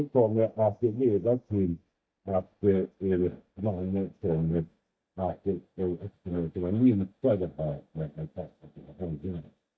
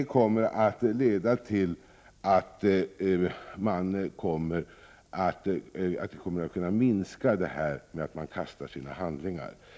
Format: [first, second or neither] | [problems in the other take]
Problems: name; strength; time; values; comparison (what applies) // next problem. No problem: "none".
second | noise reduction (neural mask model DeepFilterNet 3)